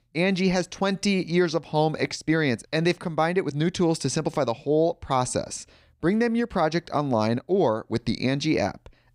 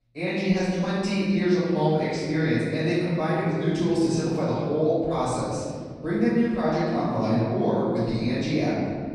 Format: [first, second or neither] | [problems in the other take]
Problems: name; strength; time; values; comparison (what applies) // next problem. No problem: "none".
first | room echo; strong; dies away in 2.7 s // off-mic speech; far